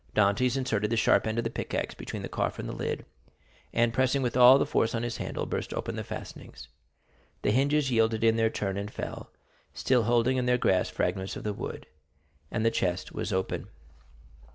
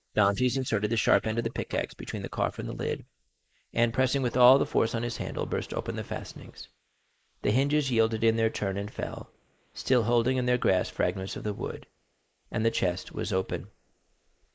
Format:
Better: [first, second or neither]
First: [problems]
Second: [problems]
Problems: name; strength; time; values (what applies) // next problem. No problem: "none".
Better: first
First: none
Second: noise reduction (neural mask model Resemble Enhance denoiser)